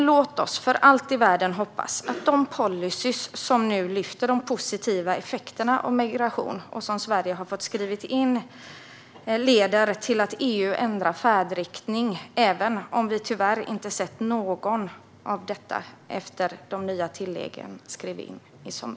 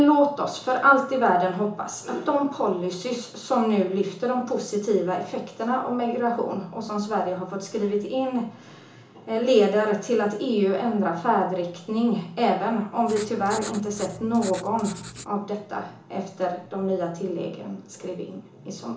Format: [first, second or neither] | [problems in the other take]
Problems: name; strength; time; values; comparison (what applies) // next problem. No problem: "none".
first | background sound (Writing); 15 dB below the speech // room echo; dies away in 0.8 s